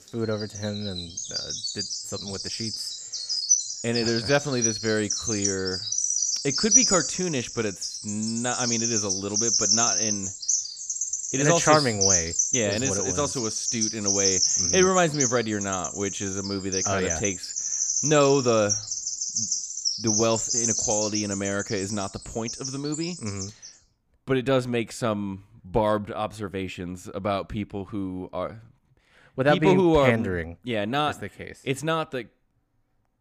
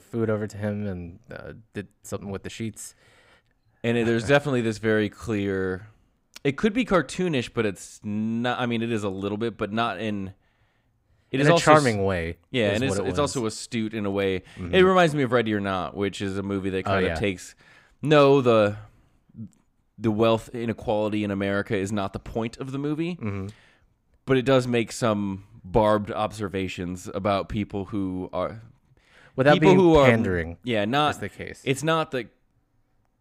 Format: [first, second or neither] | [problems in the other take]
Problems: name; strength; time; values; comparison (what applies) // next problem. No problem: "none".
second | animal sounds; very loud; until 23 s; 2 dB above the speech